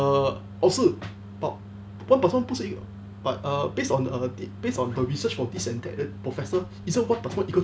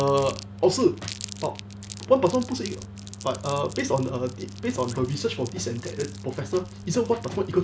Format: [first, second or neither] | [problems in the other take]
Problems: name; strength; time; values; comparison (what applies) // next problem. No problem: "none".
first | background sound (Crumpling, crinkling); 18 dB below the speech